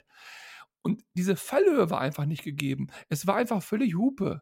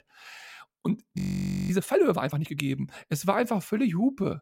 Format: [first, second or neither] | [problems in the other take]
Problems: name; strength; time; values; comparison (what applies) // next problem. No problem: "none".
first | audio freezing; at 1 s for 0.5 s